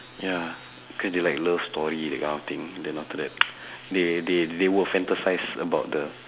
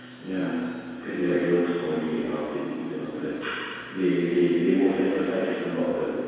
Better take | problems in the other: first | room echo; dies away in 2 s

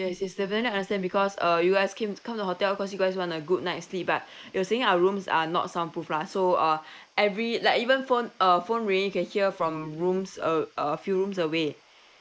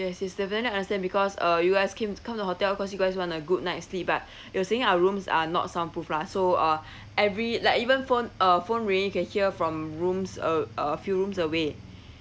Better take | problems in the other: second | noise reduction (neural mask model Resemble Enhance denoiser)

